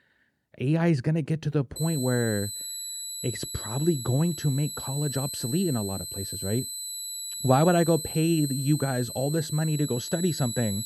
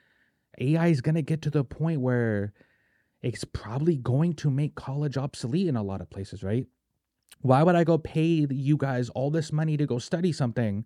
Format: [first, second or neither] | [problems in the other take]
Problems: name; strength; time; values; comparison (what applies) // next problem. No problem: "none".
second | high-pitched whine; loud; from 2 s on; 8 kHz, 6 dB below the speech